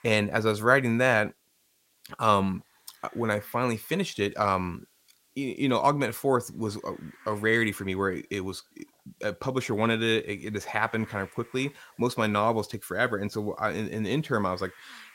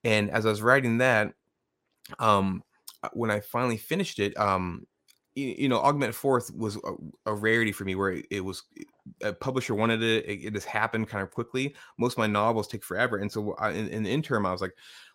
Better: second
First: hiss; faint; throughout; 30 dB below the speech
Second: none

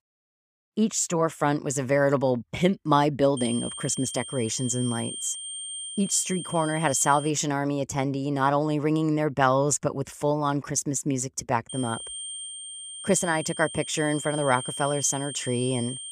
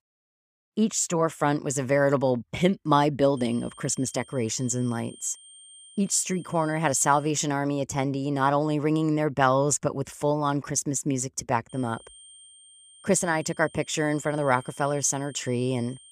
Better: second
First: high-pitched whine; loud; from 3.5 to 7.5 s and from 12 s on; 8.5 kHz, 9 dB below the speech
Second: high-pitched whine; faint; from 3.5 to 7.5 s and from 12 s on; 8.5 kHz, 20 dB below the speech

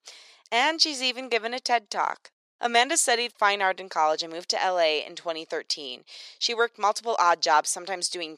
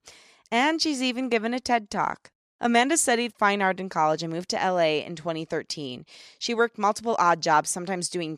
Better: second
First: thin; somewhat; fading below 550 Hz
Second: none

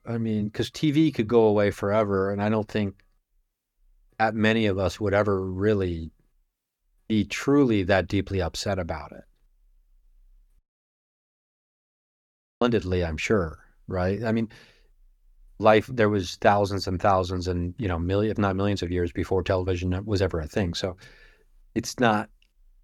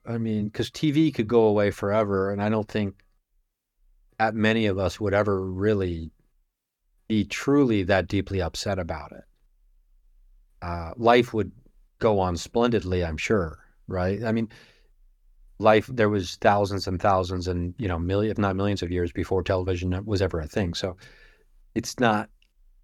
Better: second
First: audio cutting out; at 11 s for 2 s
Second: none

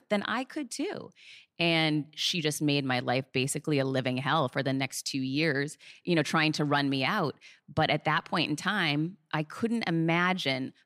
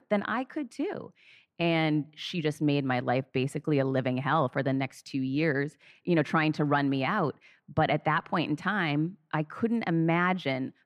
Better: first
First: none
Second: muffled; slightly; fading above 3 kHz

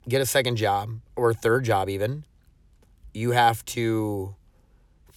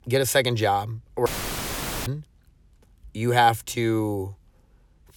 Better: first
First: none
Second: audio cutting out; filled with static; at 1.5 s for 1 s

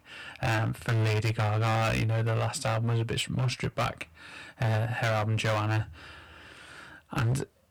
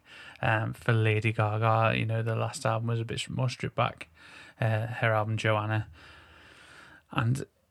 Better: second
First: distortion; heavy; 16% of the sound clipped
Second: none

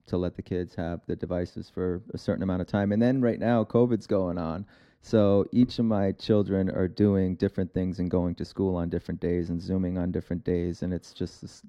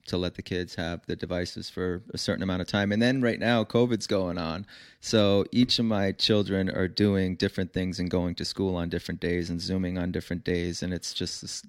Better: second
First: muffled; slightly; fading above 1 kHz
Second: none

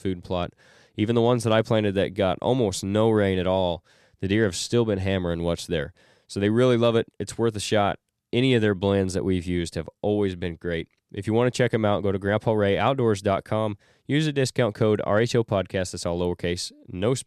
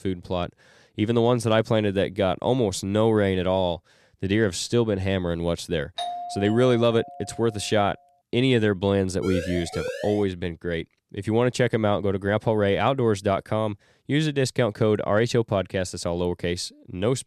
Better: first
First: none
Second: doorbell; noticeable; from 6 to 7.5 s; peak 7 dB below the speech // siren; noticeable; from 9 to 10 s; peak 8 dB below the speech

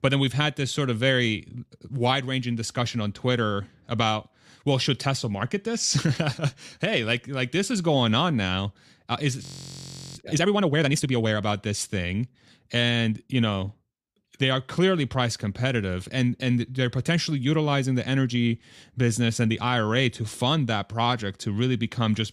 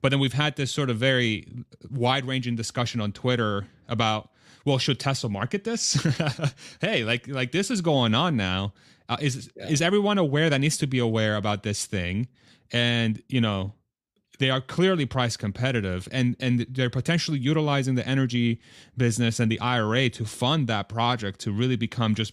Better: second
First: audio freezing; at 9.5 s for 0.5 s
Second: none

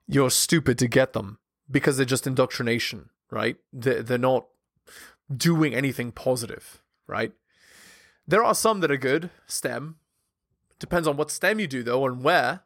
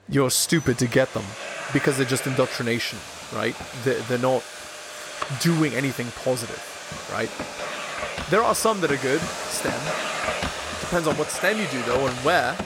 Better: first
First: none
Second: household noises; loud; throughout; 7 dB below the speech

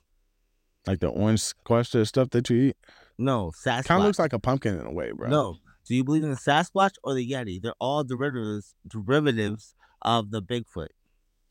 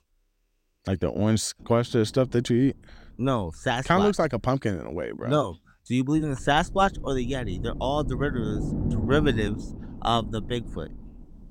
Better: first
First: none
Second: low rumble; noticeable; from 1.5 to 4.5 s and from 6 s on; 15 dB below the speech

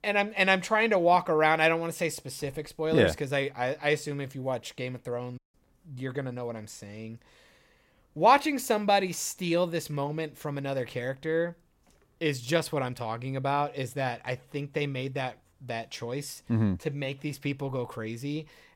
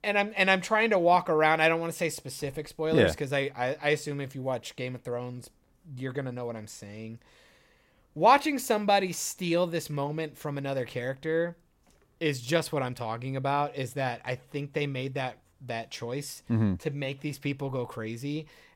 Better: second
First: audio cutting out; at 5.5 s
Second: none

